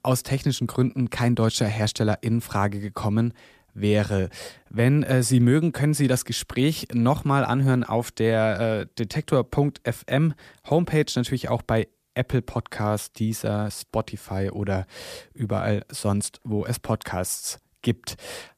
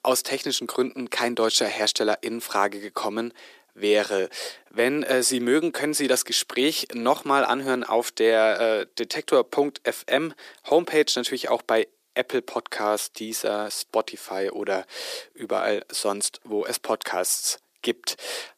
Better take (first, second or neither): first